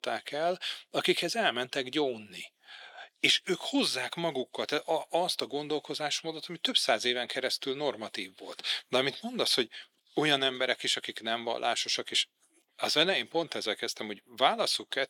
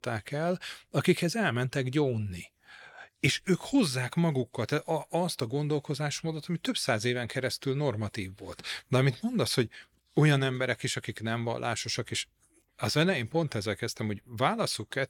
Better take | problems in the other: second | thin; somewhat; fading below 250 Hz

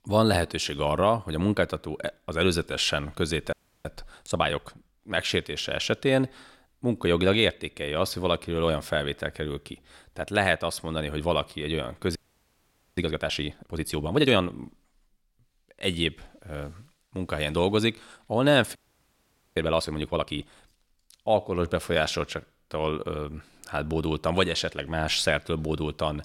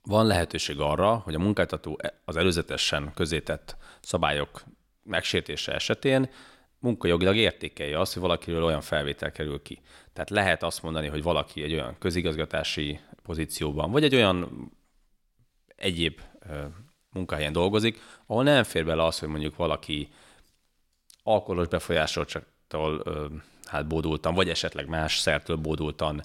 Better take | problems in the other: second | audio freezing; at 3.5 s, at 12 s for 1 s and at 19 s for 1 s

